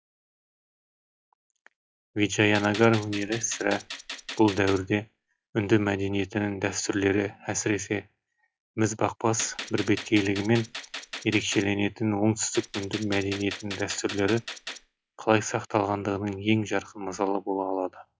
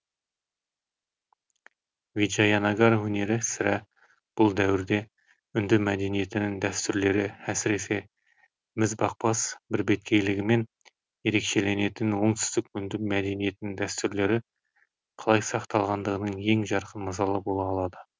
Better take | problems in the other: second | noise reduction (classical method log-MMSE)

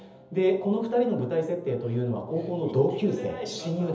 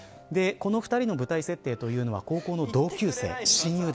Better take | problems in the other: second | room echo; dies away in 0.7 s

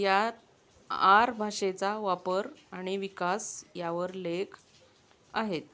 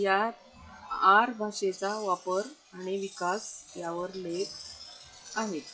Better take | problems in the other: first | noise reduction (classical method WPE with log-MMSE)

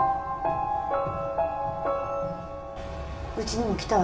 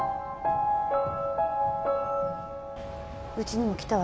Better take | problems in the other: second | room echo; dies away in 0.4 s

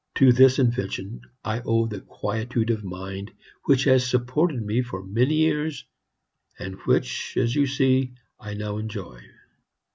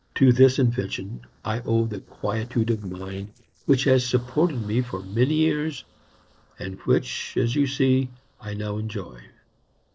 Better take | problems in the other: first | noise reduction (neural separator model SepFormer DNS4)

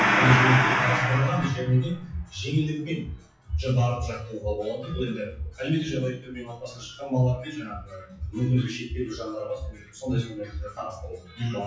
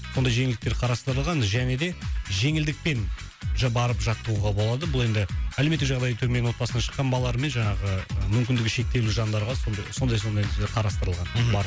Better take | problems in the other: second | noise reduction (classical method WPE with log-MMSE)

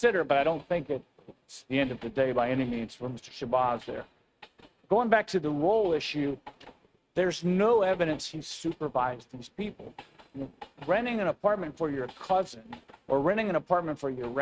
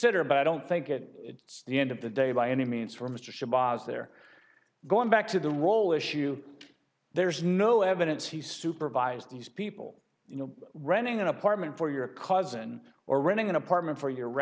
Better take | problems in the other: second | noise reduction (neural mask model RNNoise)

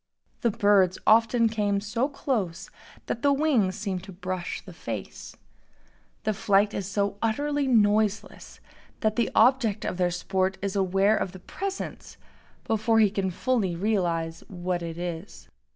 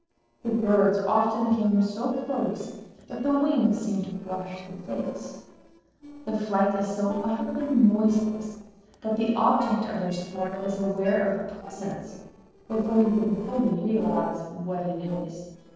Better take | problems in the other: first | noise reduction (neural separator model SepFormer DNS4)

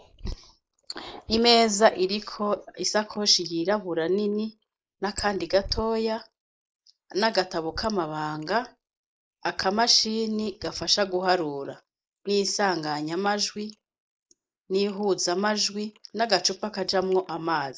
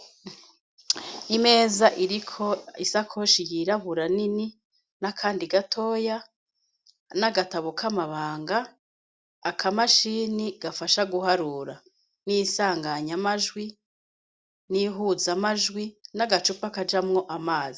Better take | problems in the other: second | noise reduction (neural mask model Resemble Enhance denoiser)

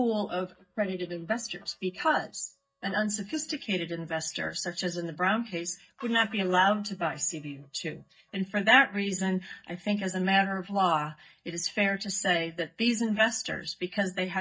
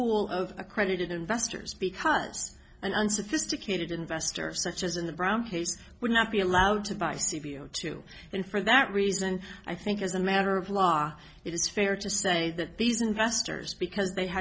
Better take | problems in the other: second | noise reduction (neural mask model DeepFilterNet 3)

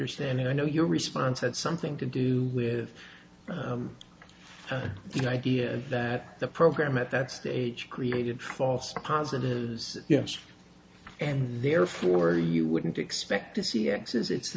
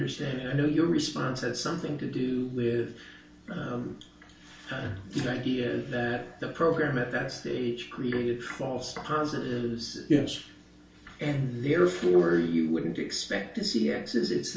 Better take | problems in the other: first | room echo; dies away in 0.4 s

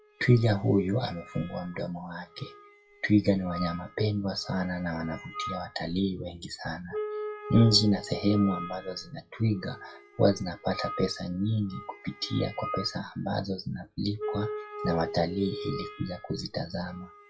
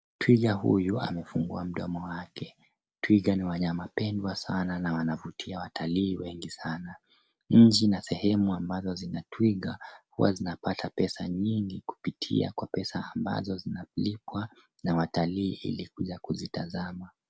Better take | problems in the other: second | noise reduction (classical method WPE with log-MMSE)

